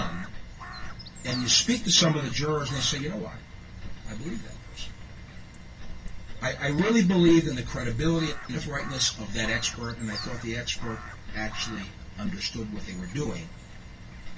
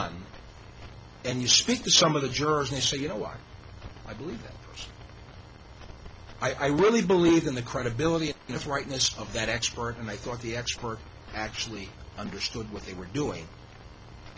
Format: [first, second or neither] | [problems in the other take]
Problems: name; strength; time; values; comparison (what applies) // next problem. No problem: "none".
second | background sound (Crow); 16 dB below the speech // room echo; dies away in 0.1 s